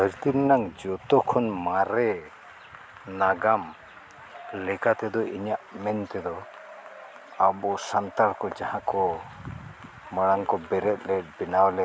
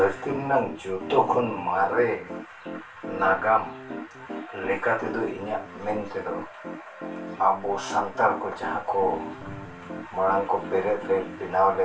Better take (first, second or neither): first